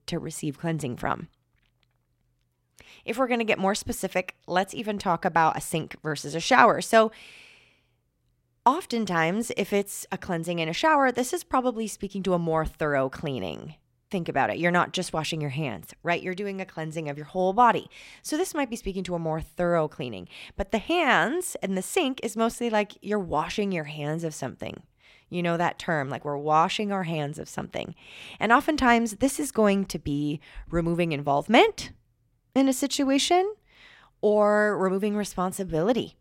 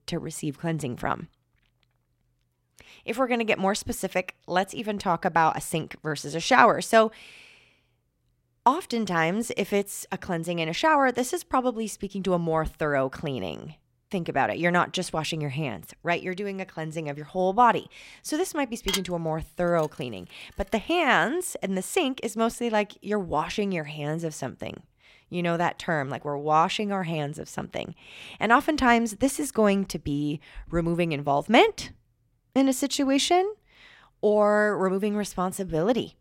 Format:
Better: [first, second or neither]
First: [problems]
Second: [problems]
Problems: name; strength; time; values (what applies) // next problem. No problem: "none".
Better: first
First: none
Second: clattering dishes; noticeable; from 19 to 21 s; peak 4 dB below the speech